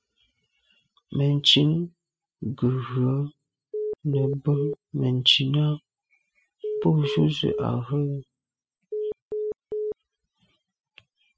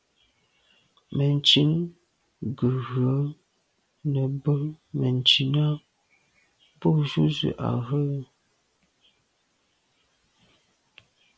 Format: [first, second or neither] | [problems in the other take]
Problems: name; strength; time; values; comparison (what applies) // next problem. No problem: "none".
second | noise reduction (classical method spectral subtraction)